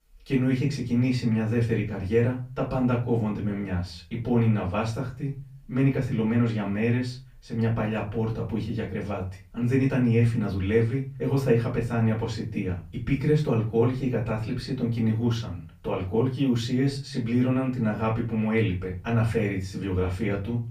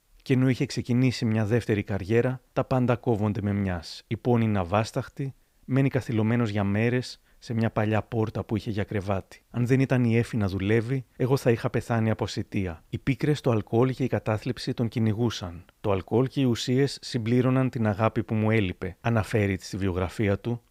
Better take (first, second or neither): second